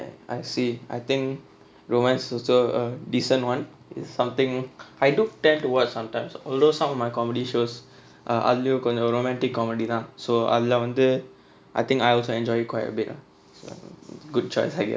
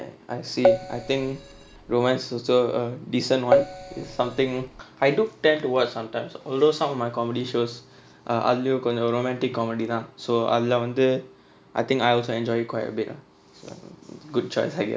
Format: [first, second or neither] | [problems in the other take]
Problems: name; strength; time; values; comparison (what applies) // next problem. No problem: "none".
first | background sound (Keyboard (musical)); 1 dB below the speech